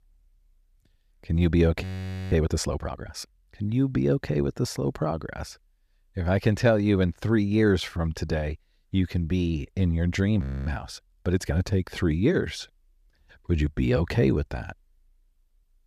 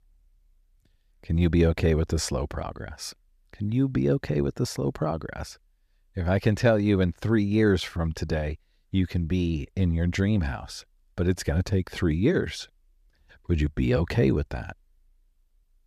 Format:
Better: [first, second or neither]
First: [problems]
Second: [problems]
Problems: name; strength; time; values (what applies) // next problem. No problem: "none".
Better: second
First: audio freezing; at 2 s and at 10 s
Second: none